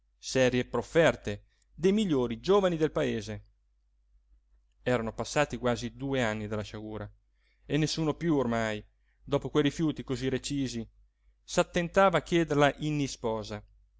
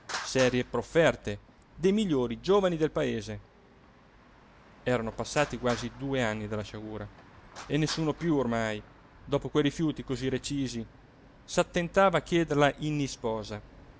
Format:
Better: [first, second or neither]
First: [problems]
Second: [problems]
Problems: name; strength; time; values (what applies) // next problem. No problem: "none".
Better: first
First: none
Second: background sound (Traffic noise, roadway noise); 19 dB below the speech